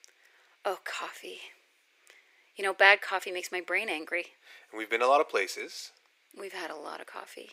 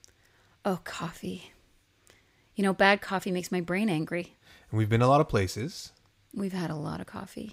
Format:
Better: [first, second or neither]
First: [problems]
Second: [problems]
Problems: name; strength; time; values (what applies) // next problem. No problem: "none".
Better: second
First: thin; very; fading below 400 Hz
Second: none